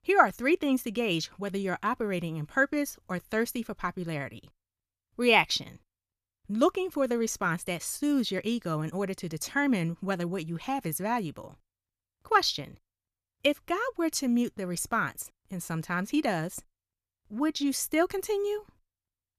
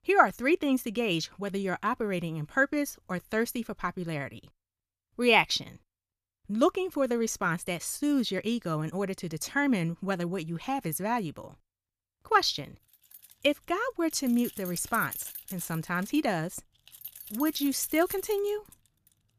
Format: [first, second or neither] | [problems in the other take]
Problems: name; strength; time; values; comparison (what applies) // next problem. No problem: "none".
first | jangling keys; noticeable; from 13 to 19 s; peak 8 dB below the speech